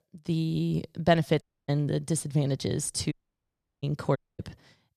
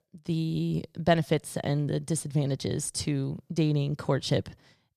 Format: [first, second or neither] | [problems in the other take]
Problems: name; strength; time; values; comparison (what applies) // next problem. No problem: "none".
second | audio cutting out; at 1.5 s, at 3 s for 0.5 s and at 4 s